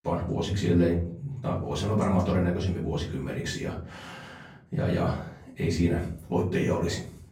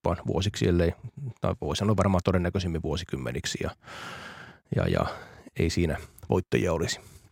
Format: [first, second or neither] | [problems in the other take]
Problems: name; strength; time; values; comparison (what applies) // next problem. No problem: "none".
second | off-mic speech; far // room echo; slight; dies away in 0.5 s